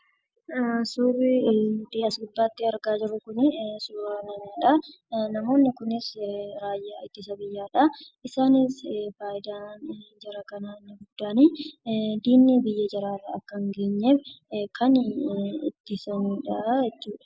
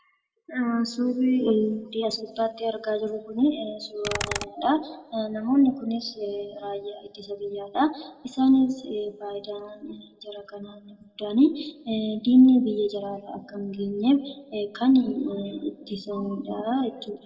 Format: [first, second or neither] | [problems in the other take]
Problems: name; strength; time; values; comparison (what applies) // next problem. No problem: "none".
first | background sound (Computer keyboard); 10 dB below the speech // room echo; dies away in 1.1 s